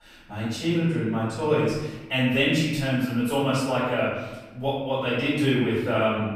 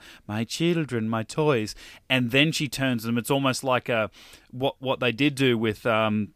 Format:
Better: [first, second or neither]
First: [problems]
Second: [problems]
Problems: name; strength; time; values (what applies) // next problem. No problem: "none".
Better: second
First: room echo; strong; dies away in 1 s // off-mic speech; far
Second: none